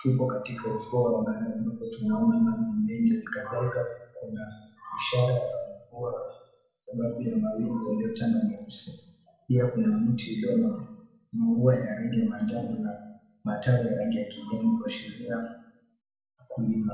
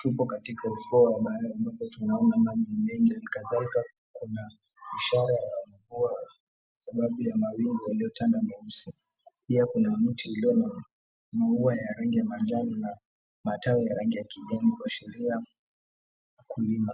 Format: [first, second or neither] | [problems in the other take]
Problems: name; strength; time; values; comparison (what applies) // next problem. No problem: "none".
second | room echo; dies away in 0.7 s